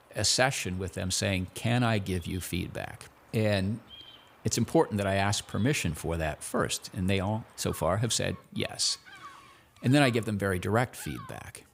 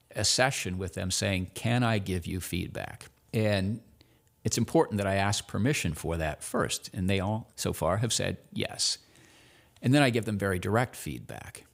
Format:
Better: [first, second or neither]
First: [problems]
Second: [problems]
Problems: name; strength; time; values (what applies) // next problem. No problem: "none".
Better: second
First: animal sounds; faint; throughout; 25 dB below the speech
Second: none